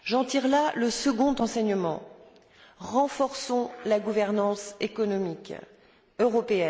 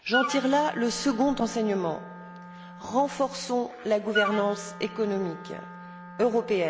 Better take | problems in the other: first | background sound (Wind instrument, woodwind instrument); 9 dB below the speech

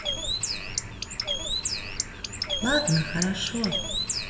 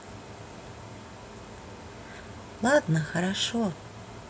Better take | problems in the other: second | background sound (Bird); 1 dB above the speech // room echo; dies away in 3 s

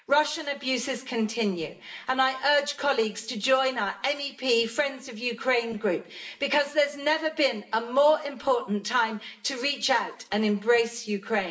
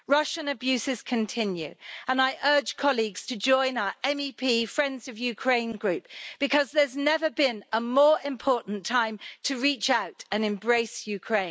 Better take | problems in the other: second | room echo; dies away in 0.7 s

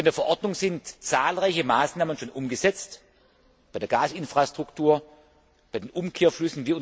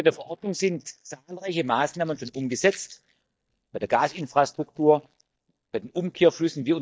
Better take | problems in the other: first | noise reduction (neural mask model DeepFilterNet 3)

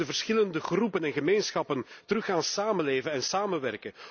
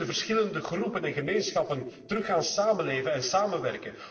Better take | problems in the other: first | noise reduction (neural separator model SepFormer DNS4)

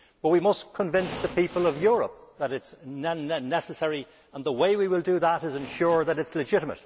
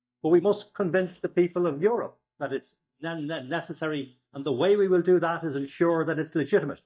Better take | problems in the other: first | noise reduction (neural mask model DeepFilterNet 3)

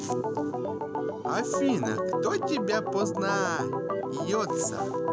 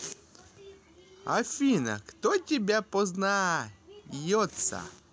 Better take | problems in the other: second | background sound (Organ); 2 dB above the speech

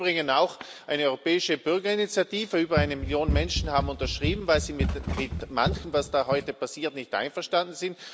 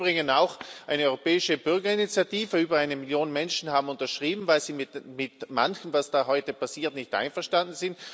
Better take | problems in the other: second | background sound (Run); 3 dB below the speech

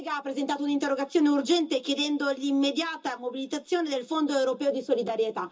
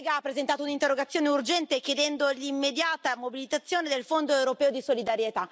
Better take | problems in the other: second | room echo; dies away in 0.2 s

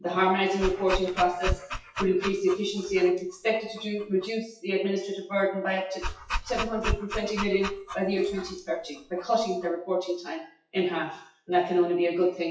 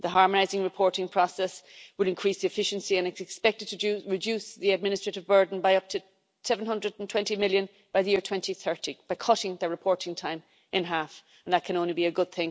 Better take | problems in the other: second | noise reduction (classical method WPE with log-MMSE)

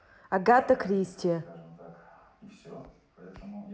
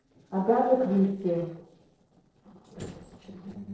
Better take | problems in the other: first | noise reduction (neural separator model SepFormer DNS4)

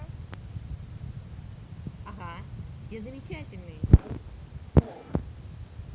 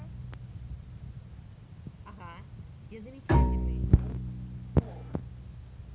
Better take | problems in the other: first | background sound (Bowed string instrument); 1 dB above the speech

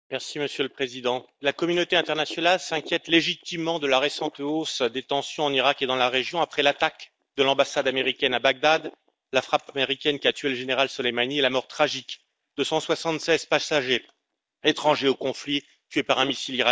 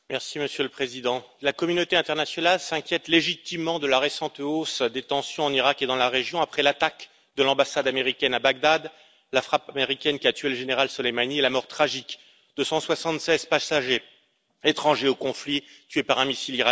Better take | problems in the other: second | noise reduction (neural mask model DeepFilterNet 3)

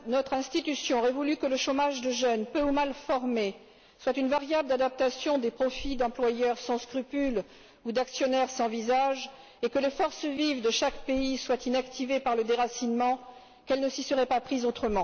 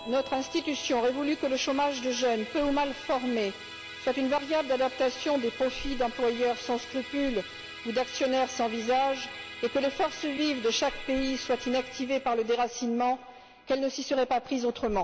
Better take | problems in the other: first | background sound (Musical instrument); 14 dB below the speech

